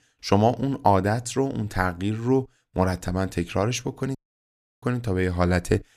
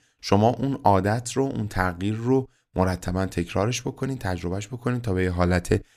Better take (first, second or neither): second